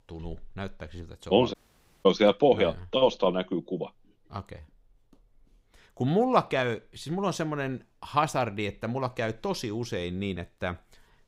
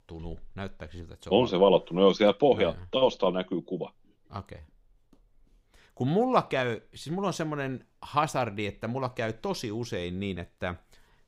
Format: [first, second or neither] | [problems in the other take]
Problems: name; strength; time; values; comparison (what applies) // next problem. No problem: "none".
second | audio cutting out; at 1.5 s for 0.5 s